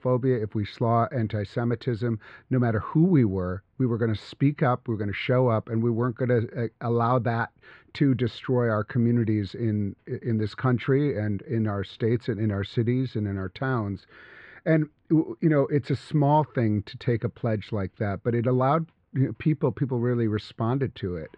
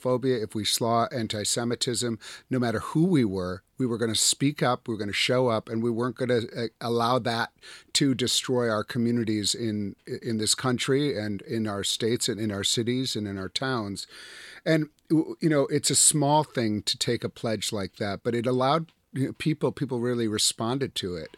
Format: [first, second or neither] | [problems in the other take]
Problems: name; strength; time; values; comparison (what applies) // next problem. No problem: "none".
second | muffled; very; fading above 2 kHz